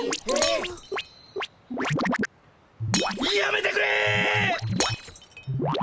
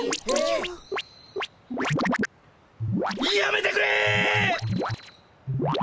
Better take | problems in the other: second | background sound (Shatter); 7 dB below the speech

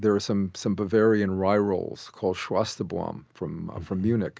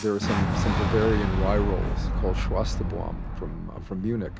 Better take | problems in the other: first | background sound (Boom); 2 dB above the speech

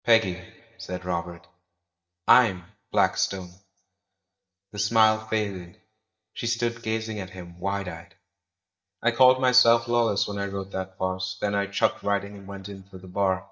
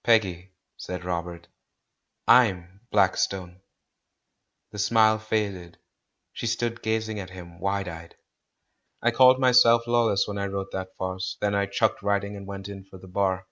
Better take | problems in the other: second | noise reduction (neural mask model DeepFilterNet 3)

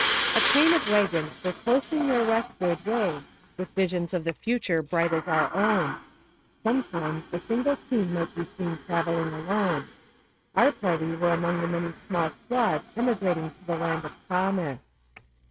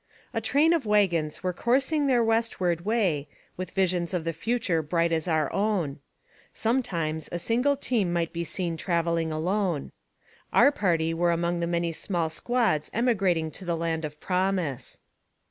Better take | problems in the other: second | noise reduction (neural mask model RNNoise)

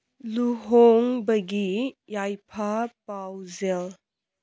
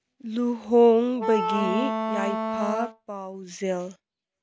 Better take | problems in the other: first | background sound (Wind instrument, woodwind instrument); 3 dB below the speech

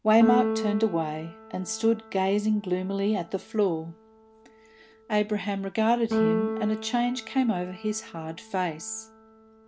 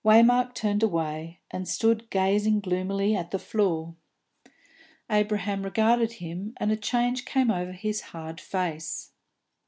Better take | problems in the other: second | background sound (Keyboard (musical)); 6 dB below the speech

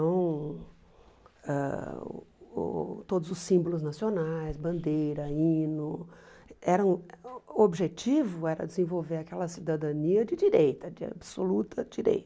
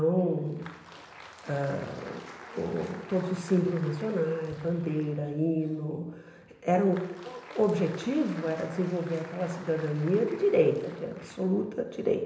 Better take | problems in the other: first | background sound (Applause); 19 dB below the speech // room echo; dies away in 0.9 s

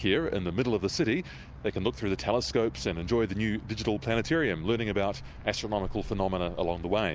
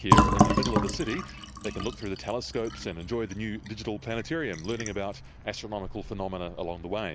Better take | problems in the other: first | background sound (Fill (with liquid)); 3 dB above the speech

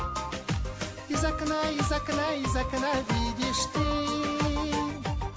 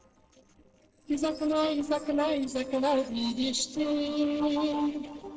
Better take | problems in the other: first | noise reduction (neural separator model SepFormer DNS4)

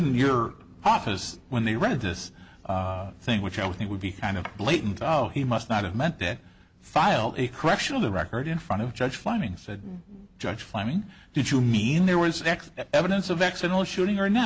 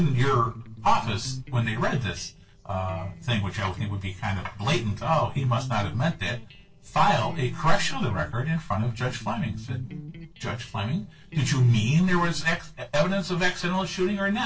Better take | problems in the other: first | noise reduction (neural separator model SepFormer DNS4)

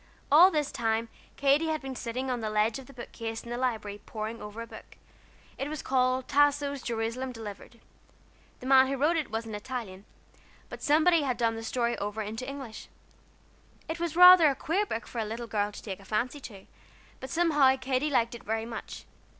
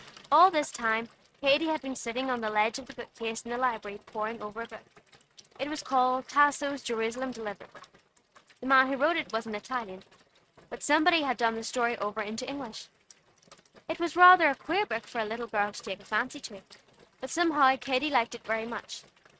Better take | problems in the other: first | noise reduction (neural mask model RNNoise)

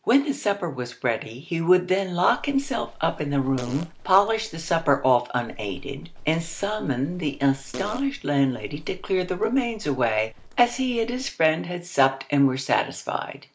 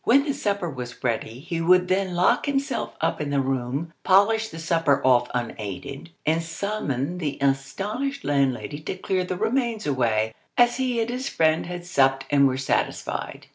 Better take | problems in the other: second | background sound (Livestock, farm animals, working animals + Fart); 15 dB below the speech

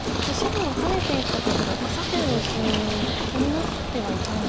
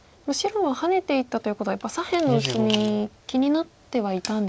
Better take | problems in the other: second | background sound (Crowd + Purr); 3 dB above the speech

